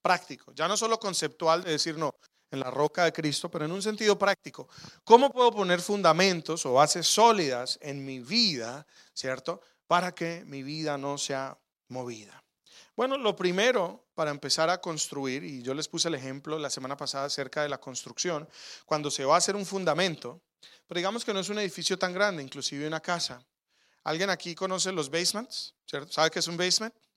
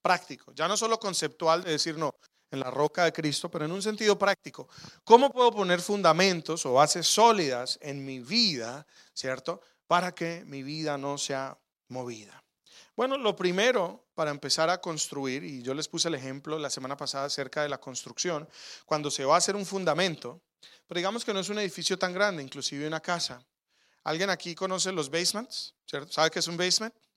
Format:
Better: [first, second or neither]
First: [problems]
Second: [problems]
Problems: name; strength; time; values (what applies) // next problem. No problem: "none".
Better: neither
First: none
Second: none